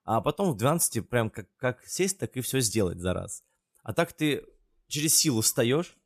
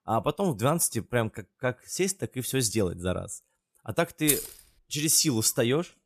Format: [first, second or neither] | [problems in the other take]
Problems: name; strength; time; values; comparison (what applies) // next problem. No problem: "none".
first | jangling keys; loud; at 4.5 s; peak level with the speech